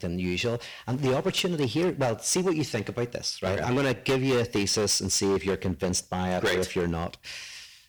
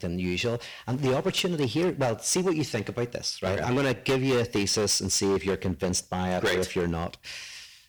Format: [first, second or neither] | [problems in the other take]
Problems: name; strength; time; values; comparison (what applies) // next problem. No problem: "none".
neither | distortion; heavy; 12% of the sound clipped; the same in both